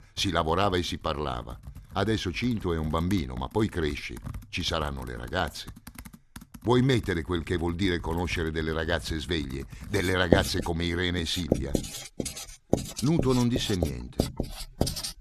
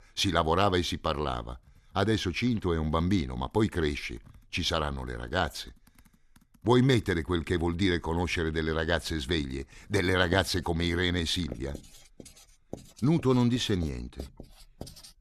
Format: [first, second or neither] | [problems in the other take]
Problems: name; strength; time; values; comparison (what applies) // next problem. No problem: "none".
second | household noises; loud; throughout; 7 dB below the speech; faint in the second